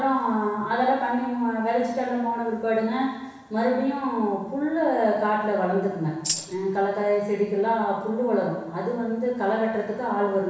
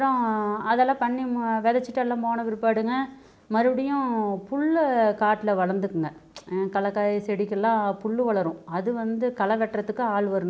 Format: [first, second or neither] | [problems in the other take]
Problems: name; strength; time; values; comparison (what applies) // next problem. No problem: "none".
second | background sound (Tambourine); 6 dB below the speech // room echo; dies away in 1.1 s